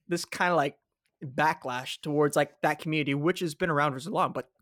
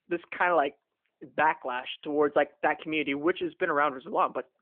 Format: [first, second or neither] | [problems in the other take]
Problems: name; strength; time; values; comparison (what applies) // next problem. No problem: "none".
first | phone-call audio; nothing above 3.5 kHz